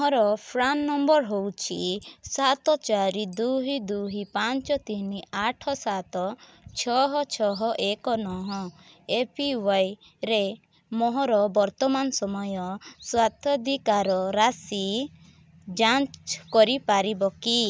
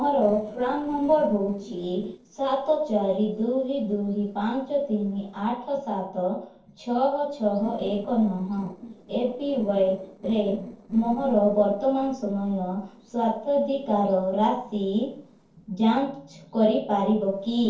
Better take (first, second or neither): first